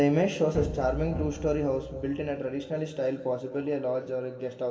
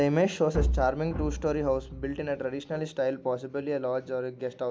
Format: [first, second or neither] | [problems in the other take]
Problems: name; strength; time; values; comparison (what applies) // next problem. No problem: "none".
second | room echo; dies away in 2 s